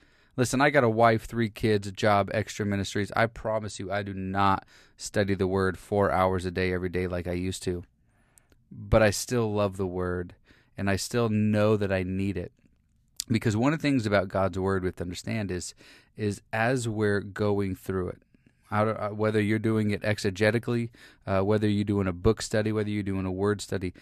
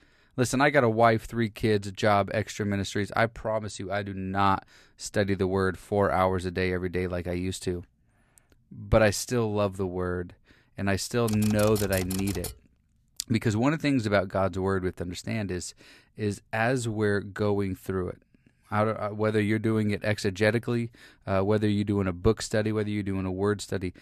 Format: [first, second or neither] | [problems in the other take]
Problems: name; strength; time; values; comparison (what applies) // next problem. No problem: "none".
first | keyboard typing; noticeable; from 11 to 13 s; peak 7 dB below the speech